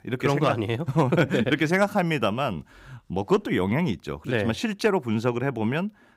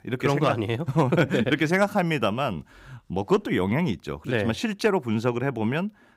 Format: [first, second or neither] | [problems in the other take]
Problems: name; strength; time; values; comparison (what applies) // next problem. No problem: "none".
neither | none